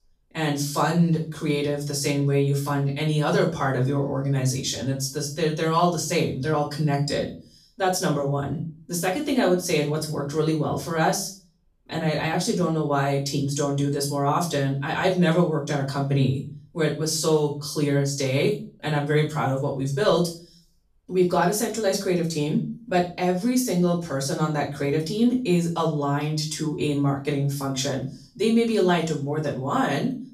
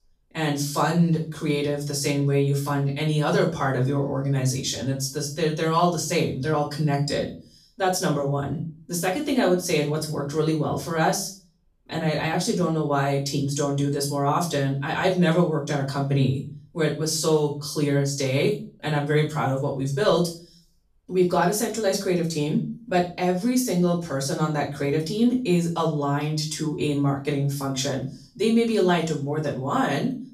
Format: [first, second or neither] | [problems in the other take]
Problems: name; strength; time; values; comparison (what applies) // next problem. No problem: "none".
neither | off-mic speech; far; the same in both // room echo; slight; dies away in 0.4 s; the same in both